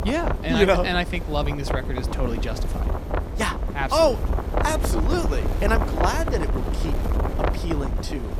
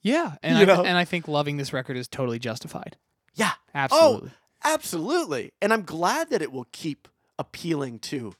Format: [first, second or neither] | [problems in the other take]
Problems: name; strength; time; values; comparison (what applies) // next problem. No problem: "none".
second | wind noise on the microphone; heavy; 7 dB below the speech